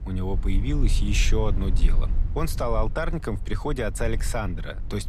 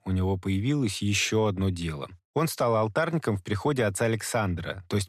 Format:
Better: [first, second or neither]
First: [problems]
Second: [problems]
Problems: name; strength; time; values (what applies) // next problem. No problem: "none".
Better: second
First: low rumble; noticeable; throughout; 15 dB below the speech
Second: none